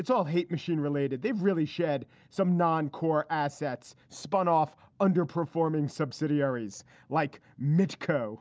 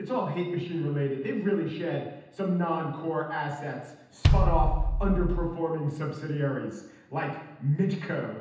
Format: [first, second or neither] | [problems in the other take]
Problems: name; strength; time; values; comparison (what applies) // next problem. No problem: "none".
first | background sound (Bass drum); 5 dB above the speech // room echo; dies away in 0.9 s